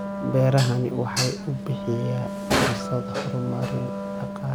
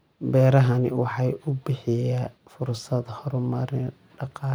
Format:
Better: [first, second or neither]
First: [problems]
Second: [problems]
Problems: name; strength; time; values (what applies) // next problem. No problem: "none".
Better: second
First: background sound (Wind instrument, woodwind instrument + Dishes, pots, and pans); 3 dB below the speech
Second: none